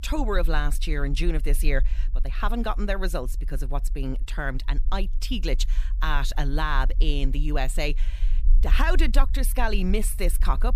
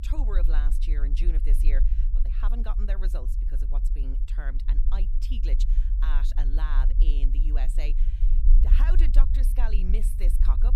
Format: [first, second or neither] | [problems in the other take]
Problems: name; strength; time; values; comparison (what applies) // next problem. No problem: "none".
first | low rumble; loud; throughout; 8 dB below the speech; faint in the first